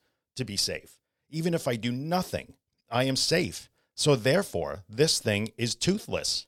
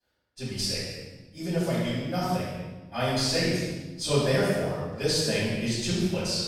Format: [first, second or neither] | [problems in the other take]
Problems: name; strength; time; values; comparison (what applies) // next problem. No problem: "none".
first | off-mic speech; far // room echo; strong; dies away in 1.1 s